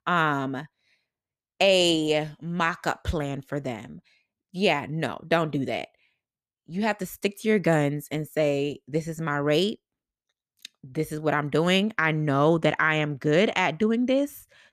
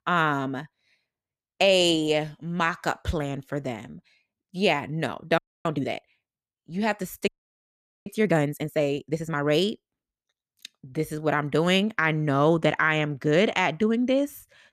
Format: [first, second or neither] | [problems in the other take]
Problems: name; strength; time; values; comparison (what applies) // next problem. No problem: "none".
first | audio freezing; at 5.5 s and at 7.5 s for 1 s